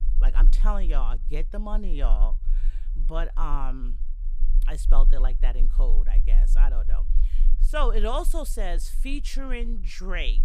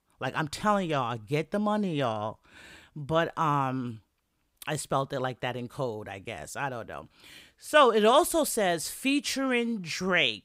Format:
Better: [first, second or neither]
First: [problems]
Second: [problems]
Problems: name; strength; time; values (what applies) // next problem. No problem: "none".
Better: second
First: low rumble; faint; throughout; 20 dB below the speech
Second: none